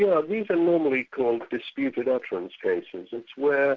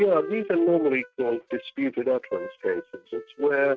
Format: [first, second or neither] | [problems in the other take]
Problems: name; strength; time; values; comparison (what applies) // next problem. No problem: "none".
first | noise reduction (neural mask model RNNoise)